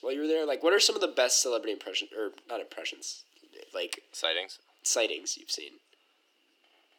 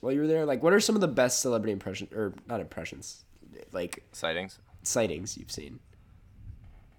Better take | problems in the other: second | thin; somewhat; fading below 300 Hz

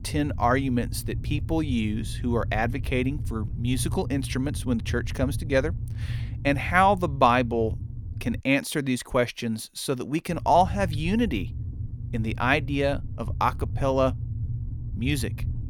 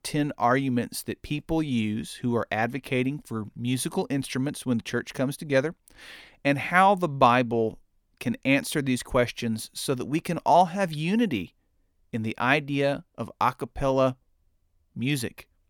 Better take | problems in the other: second | low rumble; faint; until 8.5 s and from 10 s on; 20 dB below the speech

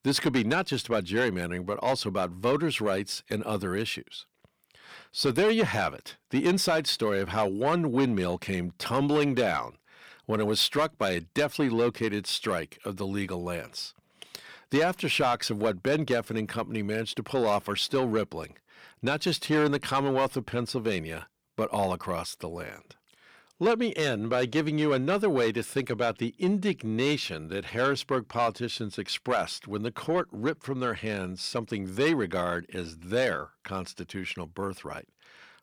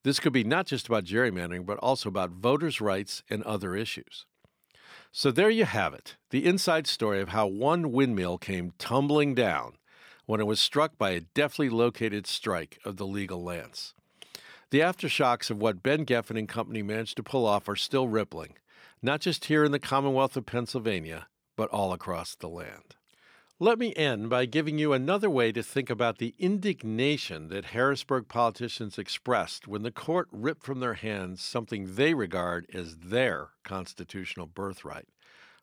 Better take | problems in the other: second | distortion; slight; 10 dB below the speech

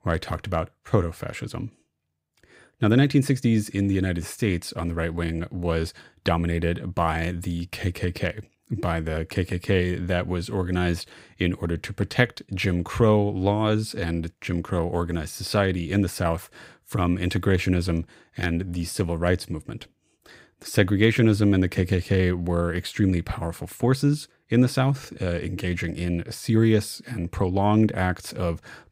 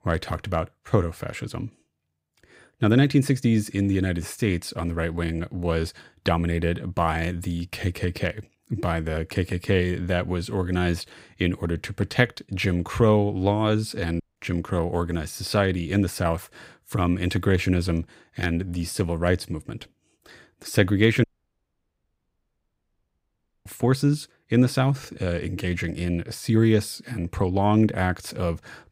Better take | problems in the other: first | audio cutting out; at 14 s and at 21 s for 2.5 s

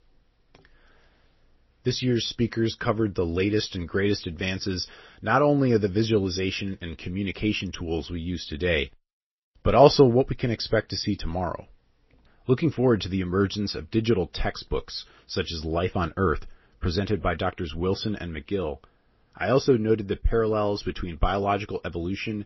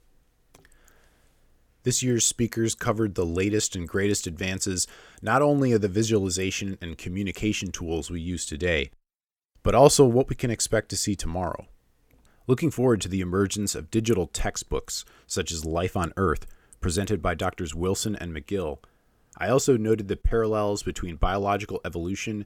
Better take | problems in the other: second | garbled, watery; slightly; nothing above 5.5 kHz

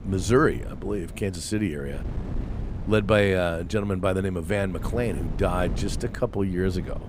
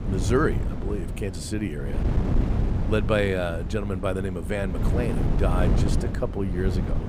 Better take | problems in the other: first | wind noise on the microphone; heavy; 7 dB below the speech; occasional gusts in the first

